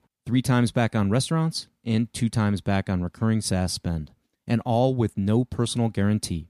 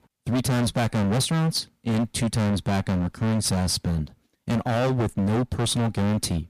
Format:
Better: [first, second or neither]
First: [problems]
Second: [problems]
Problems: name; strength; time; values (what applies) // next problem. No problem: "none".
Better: first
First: none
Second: distortion; heavy; 28% of the sound clipped